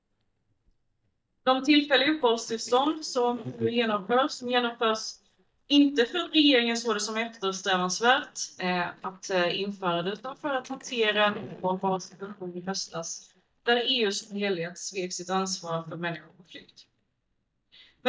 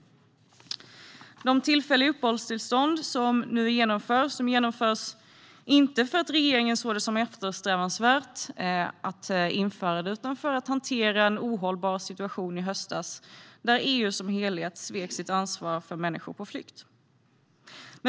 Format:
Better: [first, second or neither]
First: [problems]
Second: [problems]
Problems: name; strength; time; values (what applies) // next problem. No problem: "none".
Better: second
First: noise reduction (neural mask model DeepFilterNet 3)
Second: none